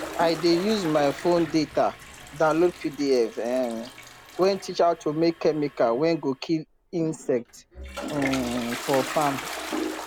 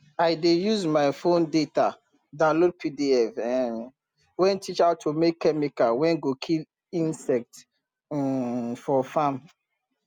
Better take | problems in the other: second | background sound (Toilet flush); 12 dB below the speech

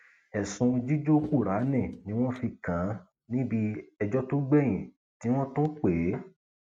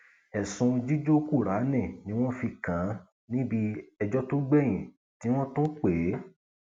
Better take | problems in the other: second | noise reduction (neural mask model RNNoise)

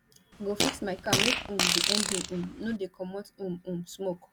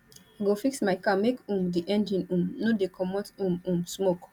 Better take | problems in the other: second | background sound (Fart); 5 dB above the speech

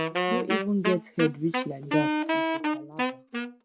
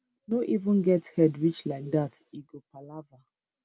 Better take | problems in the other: second | background sound (Wind instrument, woodwind instrument); 1 dB above the speech

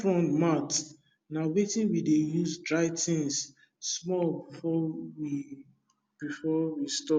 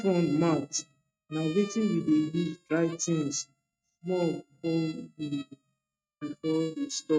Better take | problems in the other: first | noise reduction (neural mask model RNNoise)

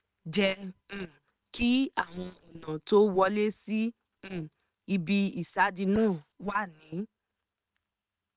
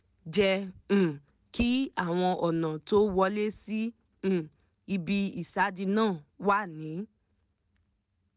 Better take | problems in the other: second | noise reduction (neural separator model SepFormer WHAM!)

